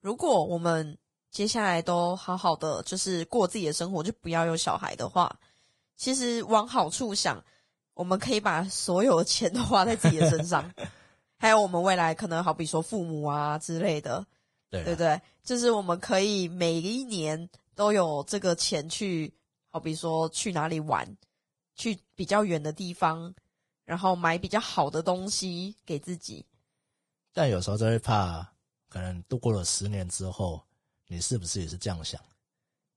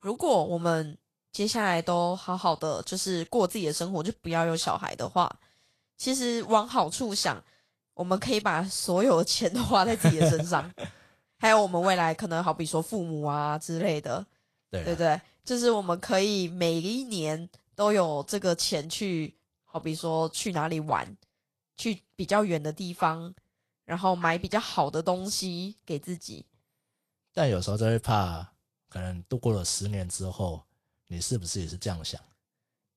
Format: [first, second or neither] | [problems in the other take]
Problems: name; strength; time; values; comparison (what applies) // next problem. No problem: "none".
second | garbled, watery; badly; slightly in the second